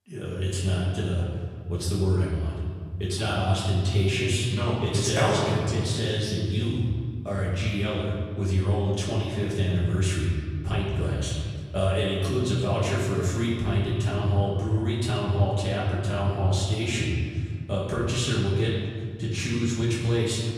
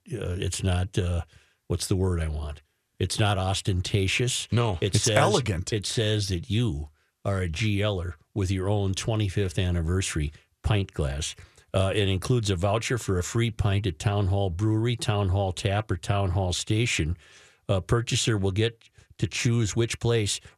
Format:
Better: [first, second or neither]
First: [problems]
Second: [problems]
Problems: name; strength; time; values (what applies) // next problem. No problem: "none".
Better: second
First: off-mic speech; far // room echo; noticeable; dies away in 2 s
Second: none